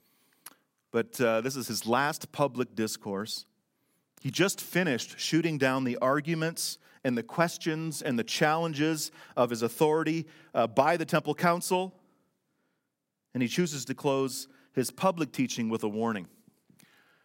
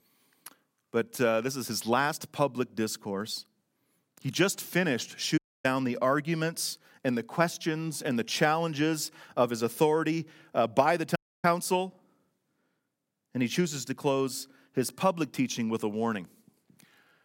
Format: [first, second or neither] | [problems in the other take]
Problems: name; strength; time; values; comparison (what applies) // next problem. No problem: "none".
first | audio cutting out; at 5.5 s and at 11 s